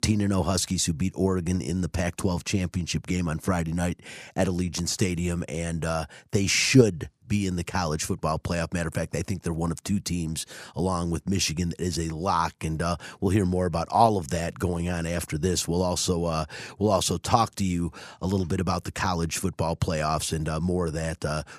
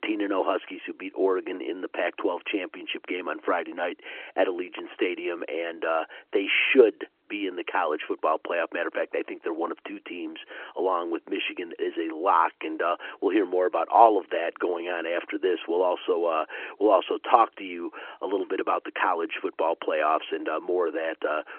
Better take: first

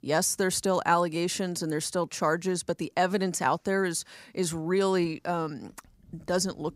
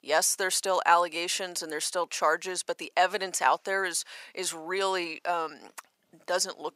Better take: first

